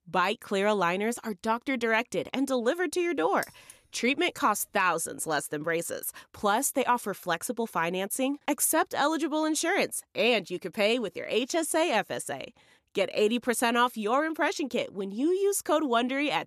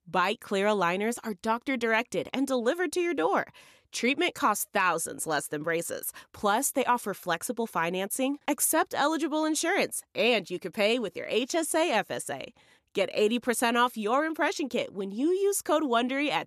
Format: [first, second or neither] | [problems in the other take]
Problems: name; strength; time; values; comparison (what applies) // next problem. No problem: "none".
second | jangling keys; faint; at 3.5 s; peak 15 dB below the speech